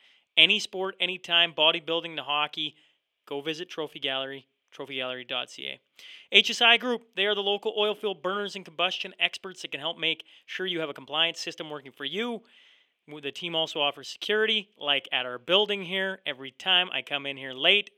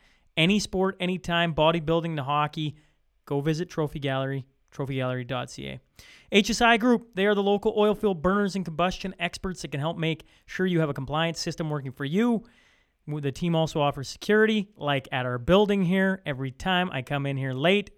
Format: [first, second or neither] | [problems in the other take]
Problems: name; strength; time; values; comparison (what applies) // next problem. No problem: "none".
second | thin; somewhat; fading below 400 Hz